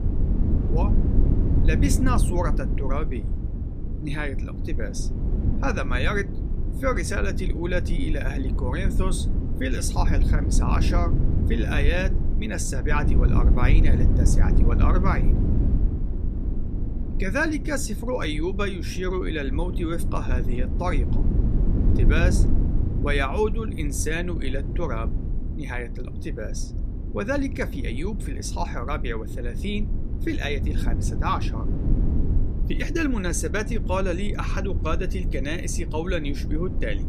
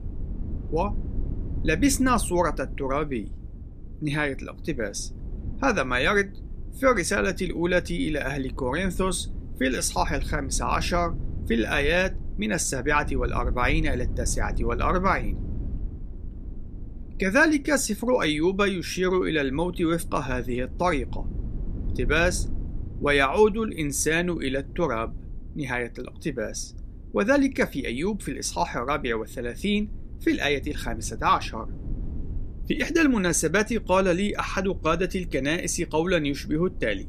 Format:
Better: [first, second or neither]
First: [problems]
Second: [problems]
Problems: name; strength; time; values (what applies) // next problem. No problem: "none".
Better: second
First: low rumble; loud; throughout; 8 dB below the speech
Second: low rumble; faint; throughout; 25 dB below the speech